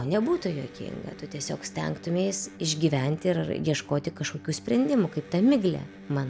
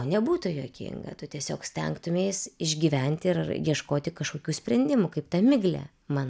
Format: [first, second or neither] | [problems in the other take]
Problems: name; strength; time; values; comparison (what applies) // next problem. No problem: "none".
second | background sound (Electric guitar); 18 dB below the speech